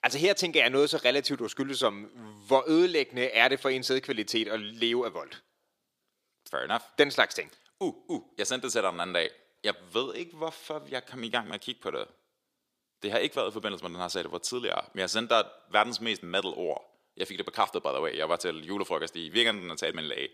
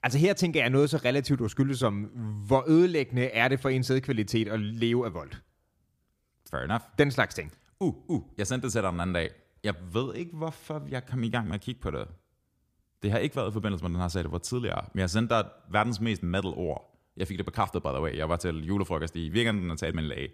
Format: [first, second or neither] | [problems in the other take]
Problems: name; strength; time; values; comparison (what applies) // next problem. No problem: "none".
second | thin; somewhat; fading below 450 Hz